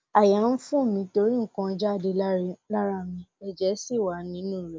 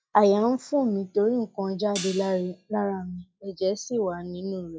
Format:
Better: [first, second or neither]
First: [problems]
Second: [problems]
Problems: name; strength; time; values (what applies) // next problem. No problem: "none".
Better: first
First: none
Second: noise reduction (classical method log-MMSE)